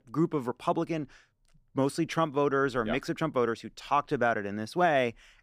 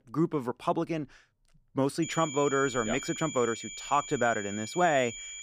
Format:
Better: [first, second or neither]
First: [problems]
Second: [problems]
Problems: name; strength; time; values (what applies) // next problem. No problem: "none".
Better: first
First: none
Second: high-pitched whine; loud; from 2 s on; 7 kHz, 9 dB below the speech